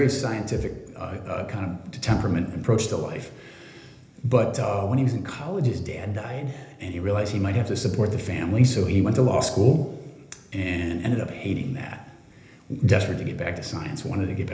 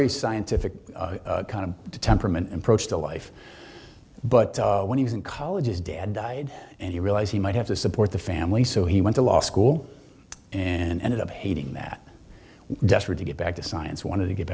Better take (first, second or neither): second